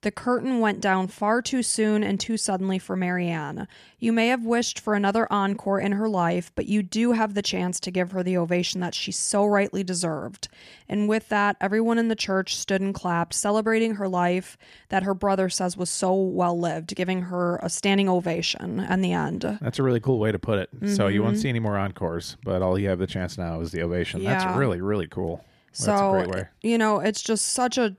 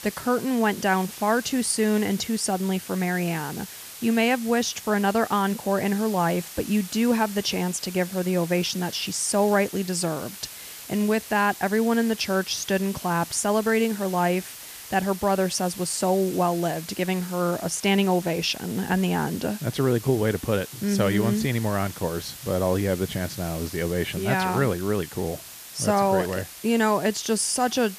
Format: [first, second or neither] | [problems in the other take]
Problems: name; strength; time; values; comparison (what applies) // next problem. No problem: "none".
first | hiss; noticeable; throughout; 15 dB below the speech